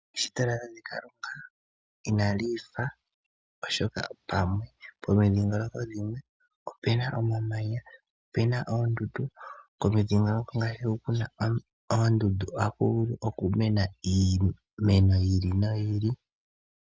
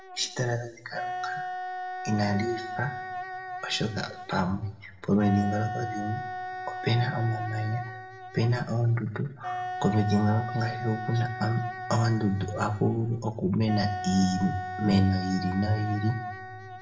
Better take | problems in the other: first | background sound (Wind instrument, woodwind instrument); 8 dB below the speech // room echo; dies away in 0.8 s

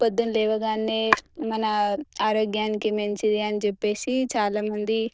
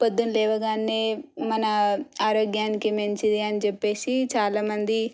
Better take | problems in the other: second | noise reduction (neural diffusion model UNIVERSE++)

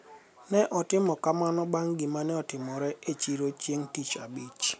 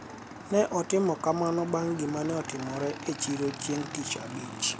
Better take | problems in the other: first | background sound (Motorcycle / Engine); 11 dB below the speech

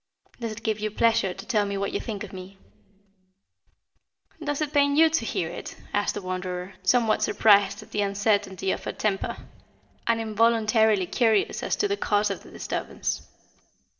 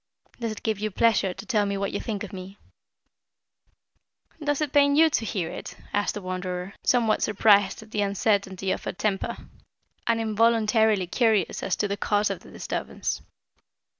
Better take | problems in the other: second | room echo; dies away in 0.7 s

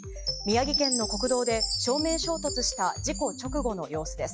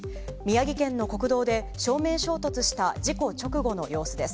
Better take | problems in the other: second | noise reduction (classical method log-MMSE)

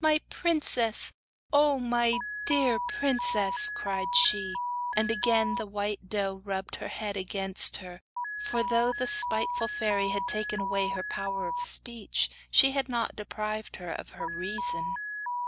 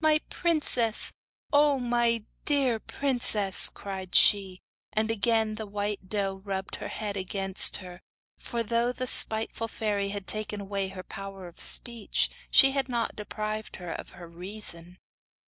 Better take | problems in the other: second | background sound (Alarm); 4 dB below the speech

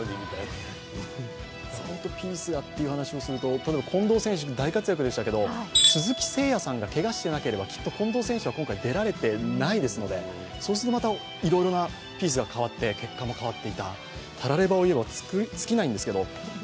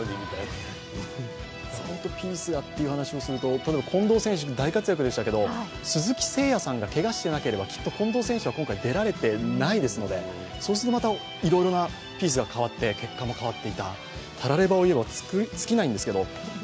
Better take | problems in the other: second | background sound (Tools); 4 dB above the speech

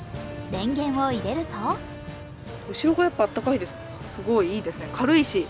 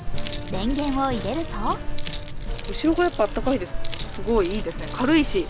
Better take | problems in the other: first | background sound (Keys jangling); 3 dB below the speech

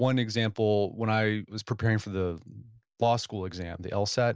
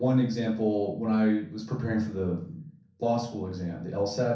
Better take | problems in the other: first | room echo; dies away in 0.6 s

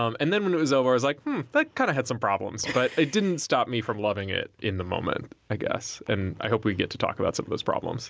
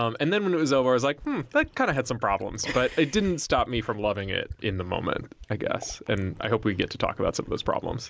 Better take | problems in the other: first | background sound (Fill (with liquid)); 18 dB below the speech

